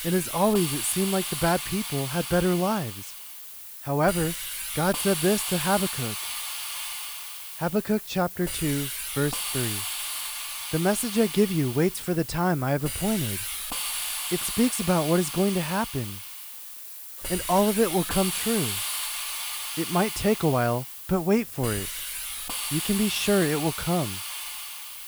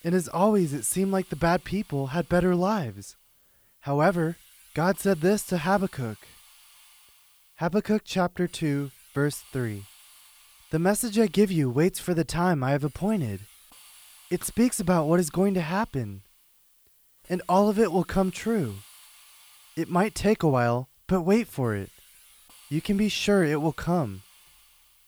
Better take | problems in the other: second | hiss; loud; throughout; 4 dB below the speech; faint in the second

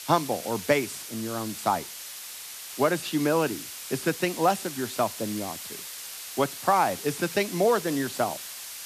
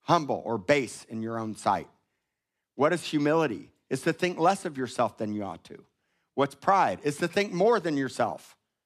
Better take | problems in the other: second | hiss; loud; throughout; 9 dB below the speech

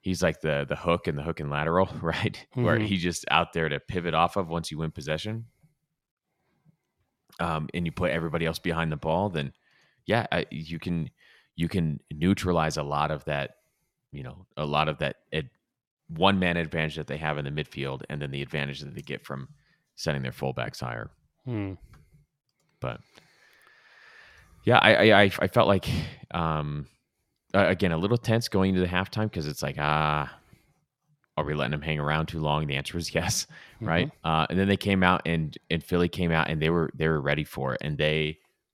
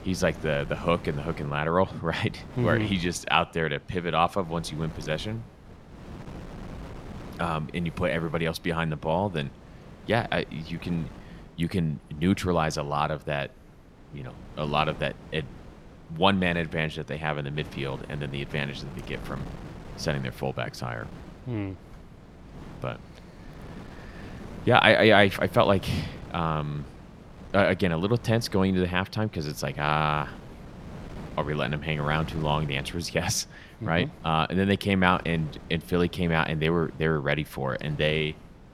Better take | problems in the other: first | wind noise on the microphone; occasional gusts; 20 dB below the speech

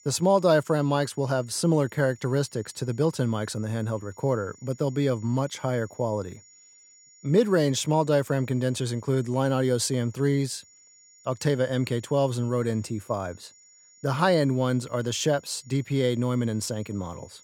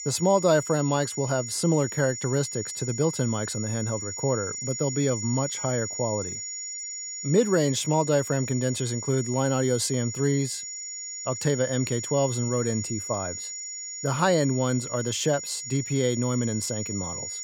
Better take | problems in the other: first | high-pitched whine; loud; throughout; 7 kHz, 6 dB below the speech; faint in the first

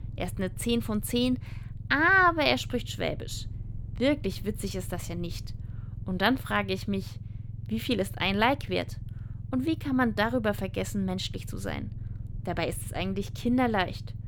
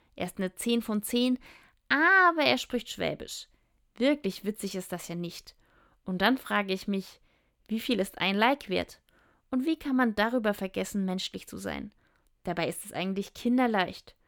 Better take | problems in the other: second | low rumble; faint; throughout; 25 dB below the speech

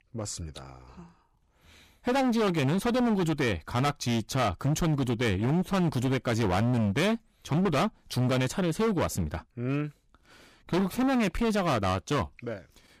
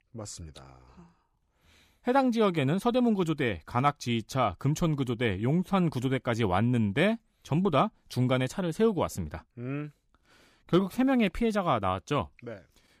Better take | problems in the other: second | distortion; heavy; 23% of the sound clipped

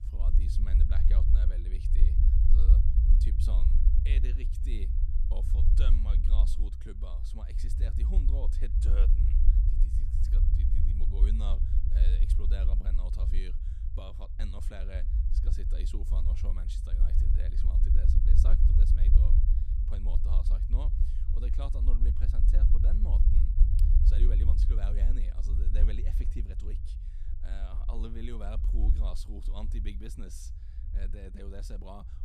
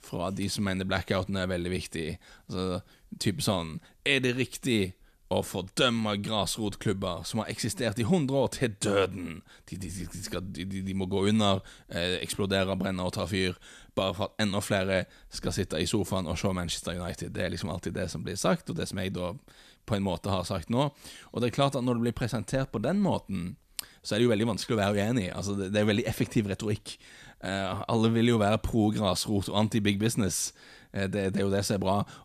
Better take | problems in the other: second | low rumble; loud; throughout; as loud as the speech

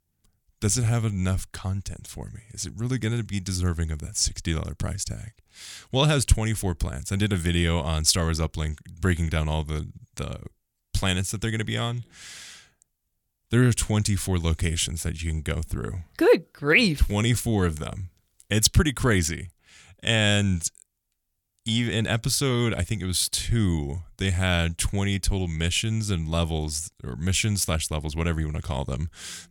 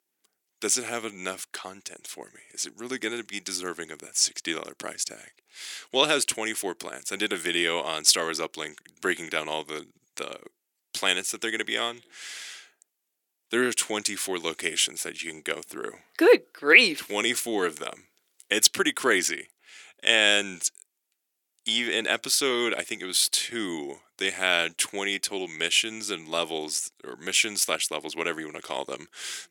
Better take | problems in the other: first | thin; very; fading below 350 Hz

